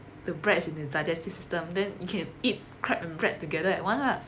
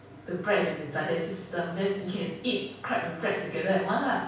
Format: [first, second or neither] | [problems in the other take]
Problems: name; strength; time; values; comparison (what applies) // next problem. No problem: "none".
first | room echo; dies away in 0.7 s